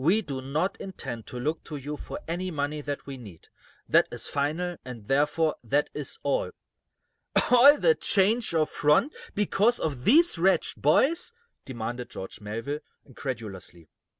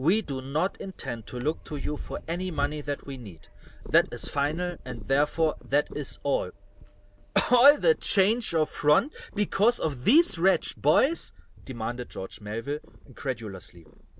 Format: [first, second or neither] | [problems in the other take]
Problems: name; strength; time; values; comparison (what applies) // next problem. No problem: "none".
first | background sound (Purr); 13 dB below the speech